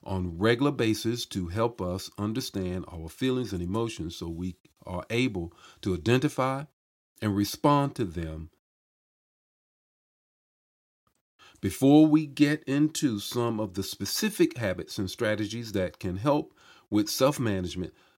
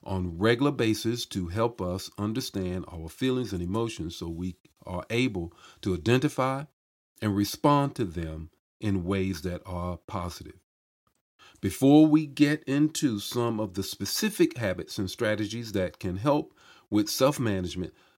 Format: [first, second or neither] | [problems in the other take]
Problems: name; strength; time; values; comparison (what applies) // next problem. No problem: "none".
second | audio cutting out; at 8.5 s for 2 s